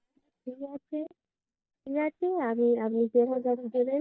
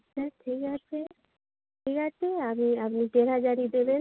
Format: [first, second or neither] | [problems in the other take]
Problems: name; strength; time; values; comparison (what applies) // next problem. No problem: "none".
second | noise reduction (neural mask model DeepFilterNet 3)